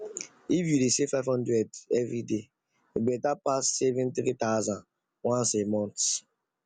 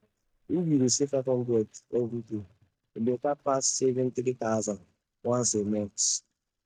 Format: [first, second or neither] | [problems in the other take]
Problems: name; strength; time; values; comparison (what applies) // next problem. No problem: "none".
first | noise reduction (neural mask model DeepFilterNet 3)